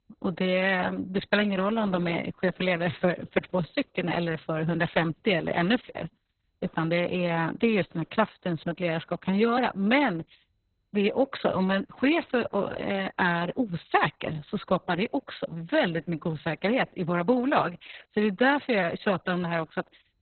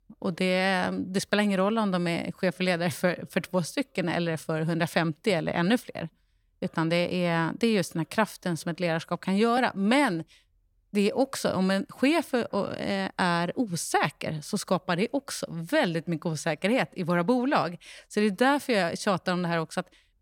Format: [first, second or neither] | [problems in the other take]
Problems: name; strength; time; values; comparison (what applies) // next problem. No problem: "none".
second | garbled, watery; badly; nothing above 4 kHz